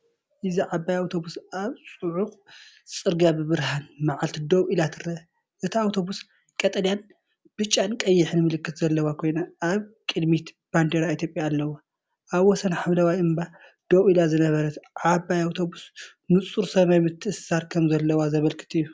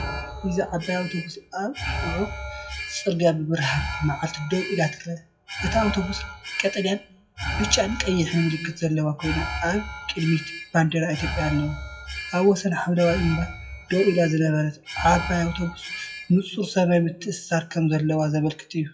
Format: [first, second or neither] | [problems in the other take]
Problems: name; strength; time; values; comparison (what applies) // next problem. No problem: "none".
first | noise reduction (classical method WPE with log-MMSE)